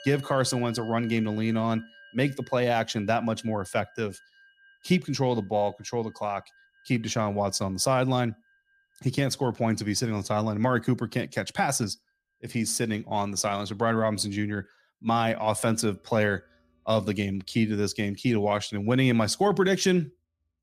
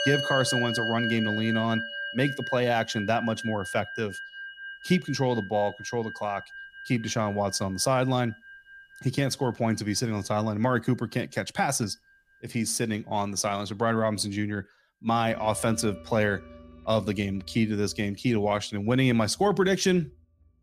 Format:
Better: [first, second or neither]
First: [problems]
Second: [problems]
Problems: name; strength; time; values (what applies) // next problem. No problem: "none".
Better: first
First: background music; faint; throughout; 25 dB below the speech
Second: background music; loud; throughout; 8 dB below the speech